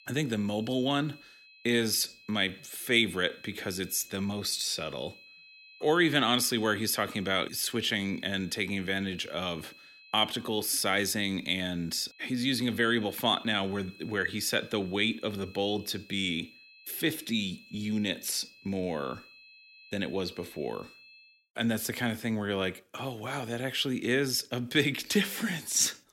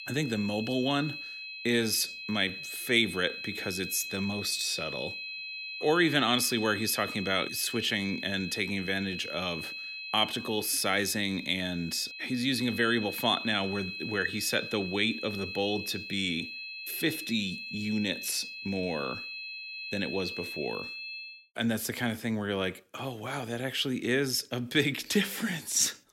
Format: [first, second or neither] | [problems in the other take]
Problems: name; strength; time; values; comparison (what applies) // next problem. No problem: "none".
first | high-pitched whine; loud; until 21 s; 2.5 kHz, 8 dB below the speech; faint in the first